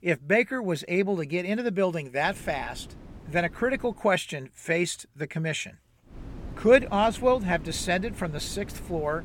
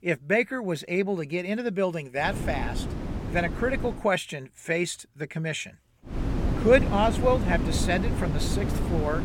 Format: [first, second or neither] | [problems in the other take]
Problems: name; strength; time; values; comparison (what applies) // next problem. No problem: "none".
first | wind noise on the microphone; heavy; from 2 to 4 s and from 6 s on; 9 dB below the speech; occasional gusts in the first